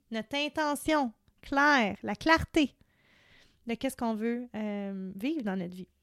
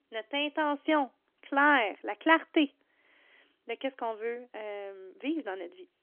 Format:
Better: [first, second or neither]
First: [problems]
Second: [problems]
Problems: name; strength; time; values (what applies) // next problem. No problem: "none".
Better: first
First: none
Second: phone-call audio; nothing above 3.5 kHz